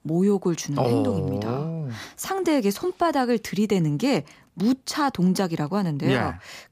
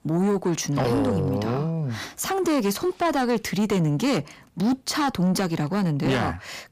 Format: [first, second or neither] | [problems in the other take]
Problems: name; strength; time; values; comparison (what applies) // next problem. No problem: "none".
first | distortion; slight; 10 dB below the speech